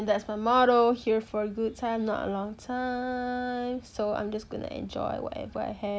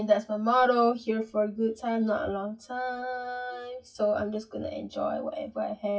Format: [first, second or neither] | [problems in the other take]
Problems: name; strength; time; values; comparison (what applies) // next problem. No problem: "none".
first | noise reduction (classical method WPE with log-MMSE)